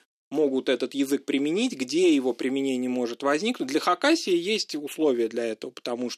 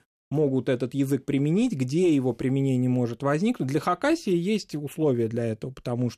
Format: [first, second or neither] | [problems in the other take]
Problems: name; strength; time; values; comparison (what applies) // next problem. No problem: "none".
second | thin; very slightly; fading below 300 Hz